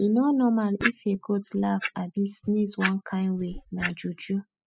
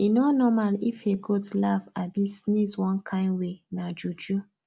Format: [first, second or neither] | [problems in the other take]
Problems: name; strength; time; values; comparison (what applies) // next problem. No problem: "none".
second | noise reduction (classical method spectral subtraction)